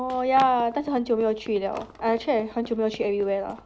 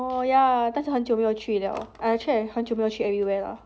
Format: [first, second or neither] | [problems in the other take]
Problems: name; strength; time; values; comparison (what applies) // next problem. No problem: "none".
second | background sound (Run); 20 dB below the speech